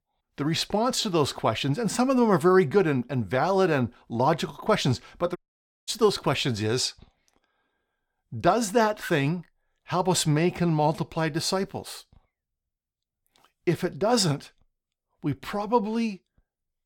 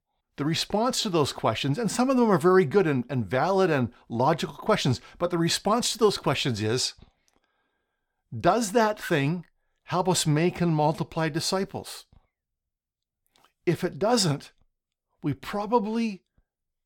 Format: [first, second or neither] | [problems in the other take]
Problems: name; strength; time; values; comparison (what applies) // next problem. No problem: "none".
second | audio cutting out; at 5.5 s for 0.5 s